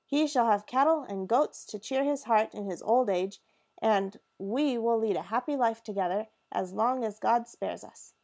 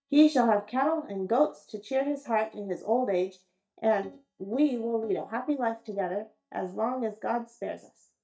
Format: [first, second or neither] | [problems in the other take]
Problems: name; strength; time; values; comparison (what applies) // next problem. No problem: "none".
first | noise reduction (neural mask model DeepFilterNet 3)